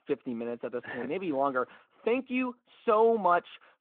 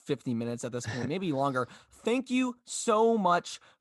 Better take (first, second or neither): second